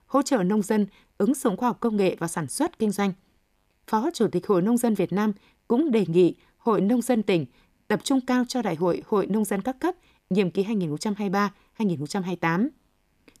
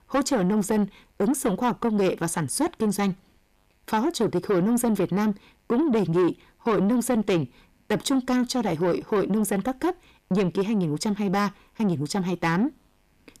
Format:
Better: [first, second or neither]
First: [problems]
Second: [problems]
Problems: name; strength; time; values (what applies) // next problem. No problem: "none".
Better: first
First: none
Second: distortion; slight; 10 dB below the speech